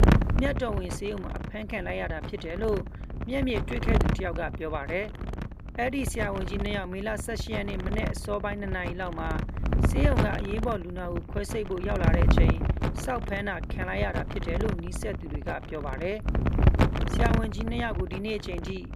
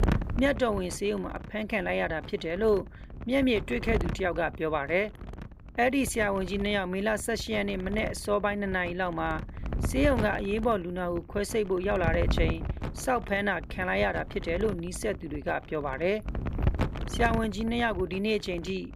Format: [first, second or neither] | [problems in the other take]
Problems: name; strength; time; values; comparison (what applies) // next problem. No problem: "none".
second | wind noise on the microphone; heavy; 4 dB below the speech; occasional gusts in the second